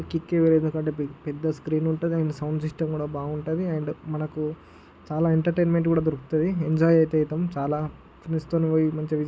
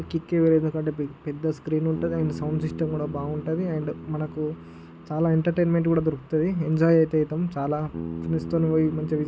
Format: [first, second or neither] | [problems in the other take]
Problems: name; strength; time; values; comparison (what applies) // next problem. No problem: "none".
first | background sound (Bass guitar); 13 dB below the speech